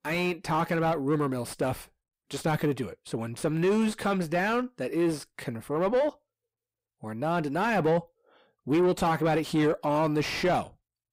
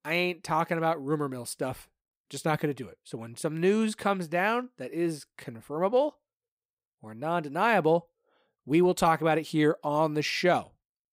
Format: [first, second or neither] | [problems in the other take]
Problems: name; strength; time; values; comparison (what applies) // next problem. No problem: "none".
second | distortion; heavy; 7 dB below the speech